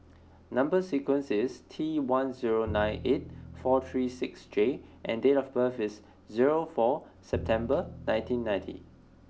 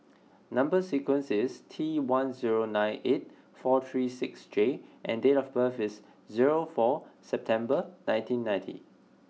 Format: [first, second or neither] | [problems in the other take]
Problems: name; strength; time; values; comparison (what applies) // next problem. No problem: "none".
second | background sound (Bowed string instrument); 16 dB below the speech